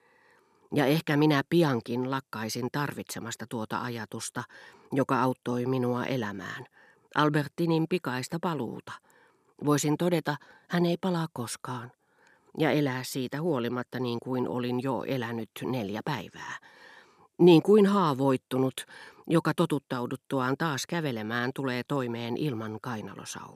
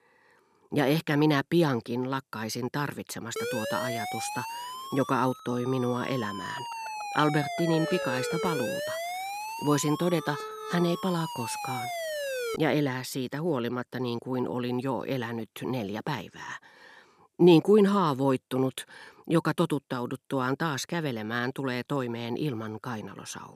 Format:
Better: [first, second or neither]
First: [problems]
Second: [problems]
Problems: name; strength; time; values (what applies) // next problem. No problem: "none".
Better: first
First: none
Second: siren; noticeable; from 3.5 to 13 s; peak 3 dB below the speech